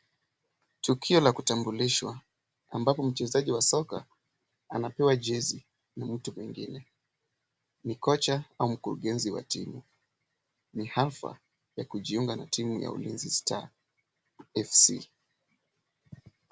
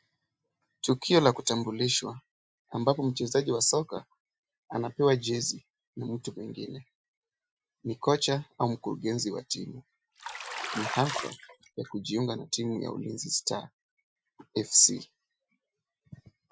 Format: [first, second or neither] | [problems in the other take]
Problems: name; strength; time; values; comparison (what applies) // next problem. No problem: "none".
first | noise reduction (classical method Wiener filter)